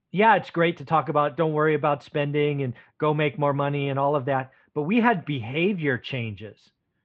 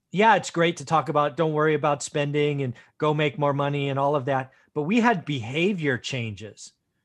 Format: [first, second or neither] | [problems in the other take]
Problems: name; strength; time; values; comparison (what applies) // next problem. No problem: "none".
second | muffled; very slightly; fading above 3 kHz